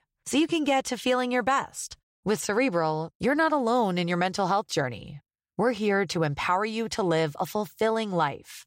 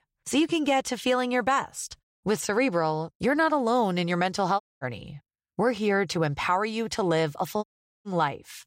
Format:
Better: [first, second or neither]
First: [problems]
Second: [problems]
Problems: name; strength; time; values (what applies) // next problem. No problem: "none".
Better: first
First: none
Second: audio cutting out; at 4.5 s and at 7.5 s